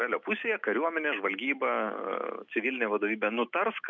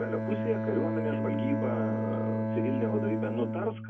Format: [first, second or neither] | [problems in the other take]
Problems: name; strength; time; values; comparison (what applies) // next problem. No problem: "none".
first | background sound (Bowed string instrument); 2 dB above the speech // room echo; dies away in 0.3 s